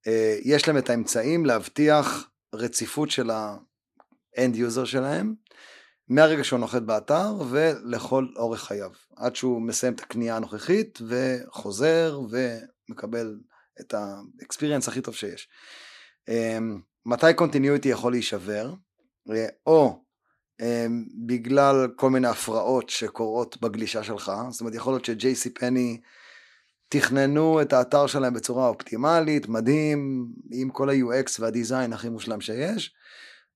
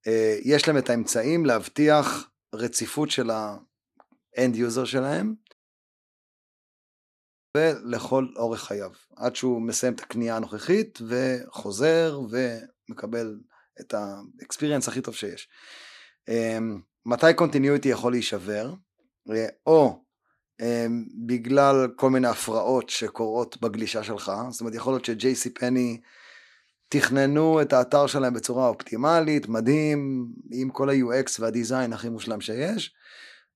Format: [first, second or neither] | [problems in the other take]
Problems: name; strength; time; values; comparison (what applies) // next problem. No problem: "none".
first | audio cutting out; at 5.5 s for 2 s